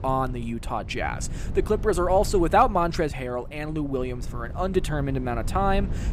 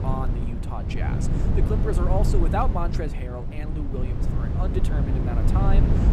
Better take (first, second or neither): first